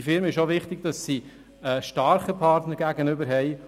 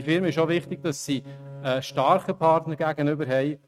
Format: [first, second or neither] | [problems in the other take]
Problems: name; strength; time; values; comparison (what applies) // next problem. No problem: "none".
first | noise reduction (neural mask model RNNoise)